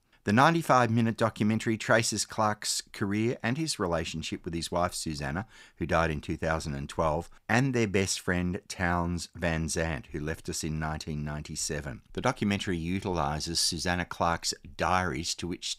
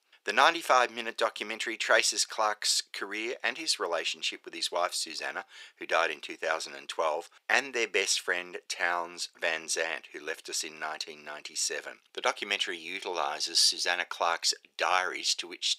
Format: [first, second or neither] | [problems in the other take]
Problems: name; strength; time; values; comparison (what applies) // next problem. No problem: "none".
first | thin; very; fading below 400 Hz